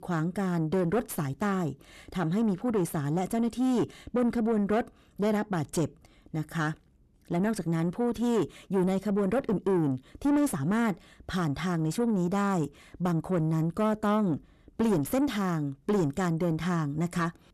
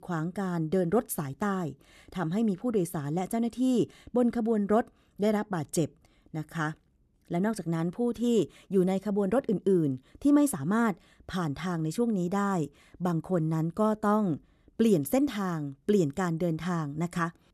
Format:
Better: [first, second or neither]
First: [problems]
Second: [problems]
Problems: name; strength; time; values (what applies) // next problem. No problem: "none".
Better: second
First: distortion; slight; 10 dB below the speech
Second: none